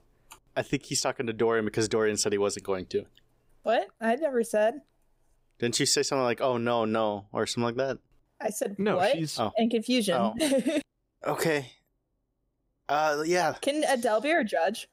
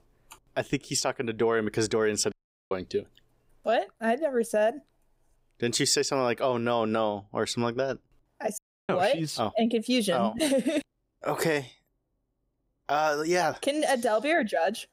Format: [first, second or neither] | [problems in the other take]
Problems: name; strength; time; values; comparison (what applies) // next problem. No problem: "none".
first | audio cutting out; at 2.5 s and at 8.5 s